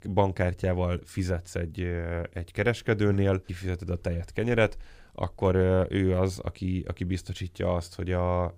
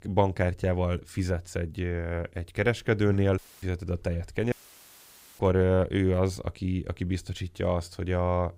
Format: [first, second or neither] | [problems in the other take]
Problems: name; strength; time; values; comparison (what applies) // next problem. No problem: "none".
first | audio cutting out; at 3.5 s and at 4.5 s for 1 s